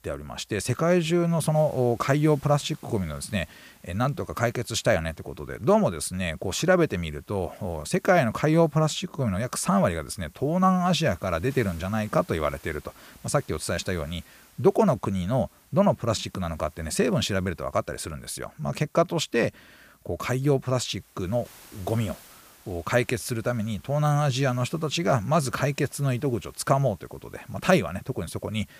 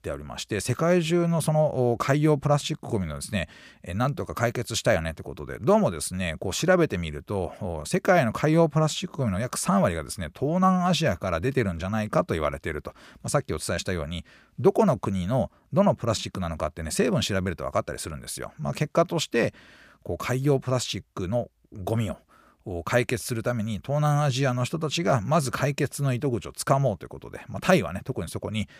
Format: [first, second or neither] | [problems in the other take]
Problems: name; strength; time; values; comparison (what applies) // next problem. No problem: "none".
second | hiss; faint; throughout; 30 dB below the speech